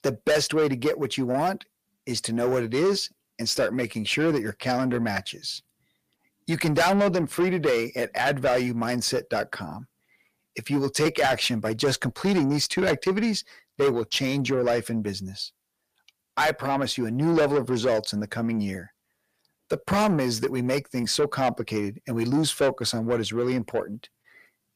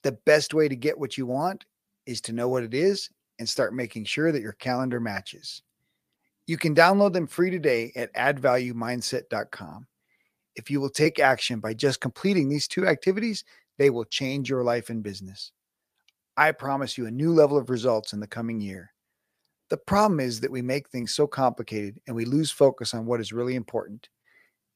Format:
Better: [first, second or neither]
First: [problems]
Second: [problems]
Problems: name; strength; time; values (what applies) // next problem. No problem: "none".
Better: second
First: distortion; heavy; 7 dB below the speech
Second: none